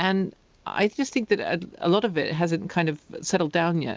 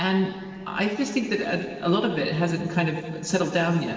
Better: first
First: none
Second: room echo; dies away in 2.3 s

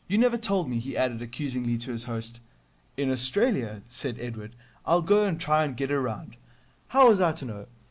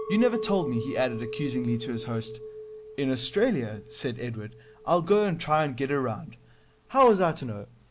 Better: first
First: none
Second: background sound (Chink, clink); 13 dB below the speech

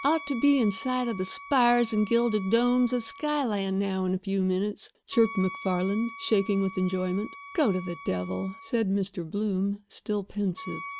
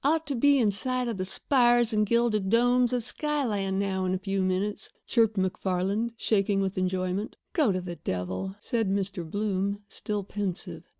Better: second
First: background sound (Wind instrument, woodwind instrument); 17 dB below the speech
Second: none

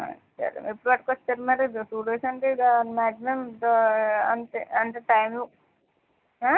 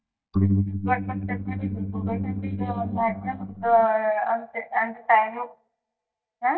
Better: first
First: none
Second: noise reduction (neural mask model DeepFilterNet 3)

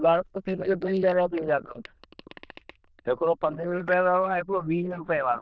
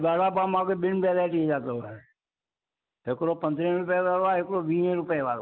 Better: second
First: noise reduction (neural diffusion model UNIVERSE++)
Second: none

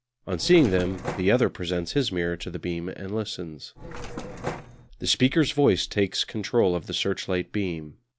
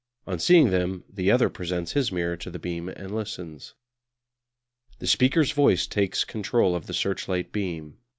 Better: second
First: background sound (Mechanisms); 10 dB below the speech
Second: none

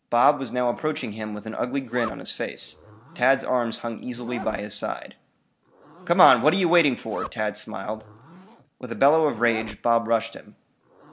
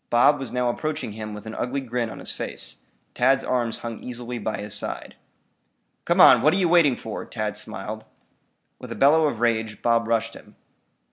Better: second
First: background sound (Zipper (clothing)); 19 dB below the speech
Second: none

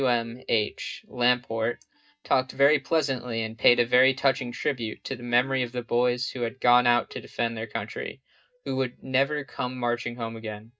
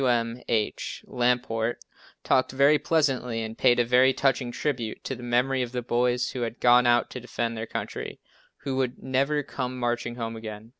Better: second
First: noise reduction (neural mask model DeepFilterNet 3)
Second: none

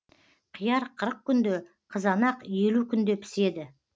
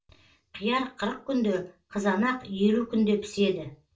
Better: first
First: none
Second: room echo; dies away in 0.2 s

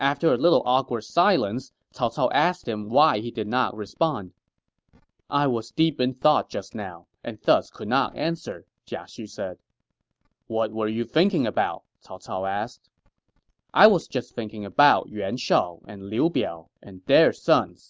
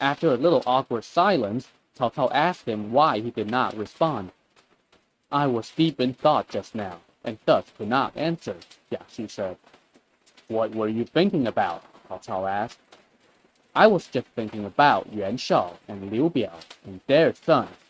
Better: first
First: none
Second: noise reduction (neural mask model RNNoise)

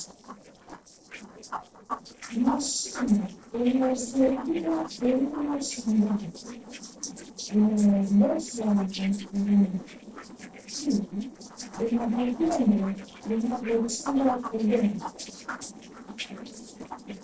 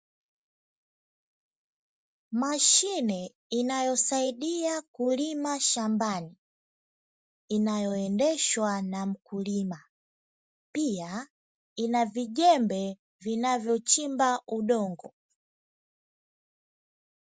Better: second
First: noise reduction (neural separator model SepFormer DNS4)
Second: none

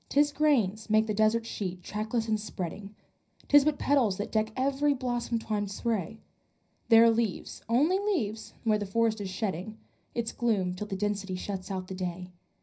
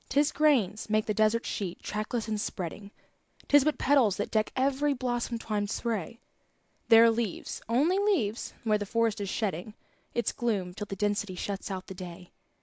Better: second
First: room echo; dies away in 0.4 s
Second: none

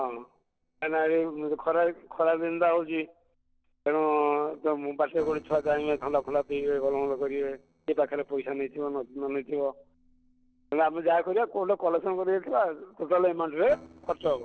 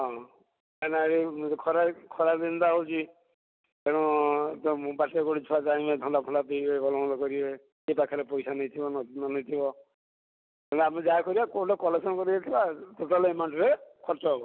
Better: second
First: noise reduction (neural separator model SepFormer DNS4)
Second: none

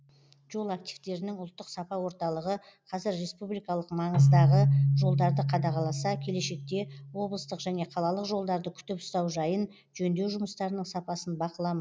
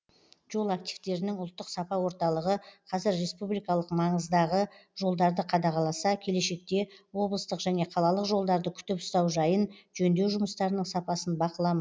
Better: second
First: background sound (Keyboard (musical)); 1 dB above the speech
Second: none

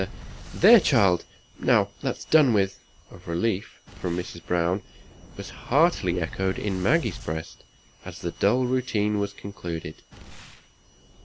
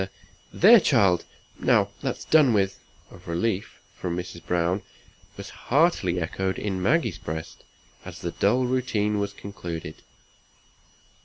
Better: second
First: background sound (Boom); 19 dB below the speech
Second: none

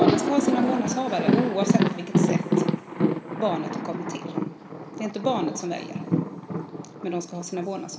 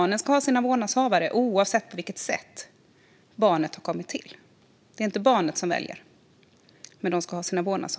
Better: second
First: background sound (Thunder); 4 dB above the speech // room echo; dies away in 2.7 s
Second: none

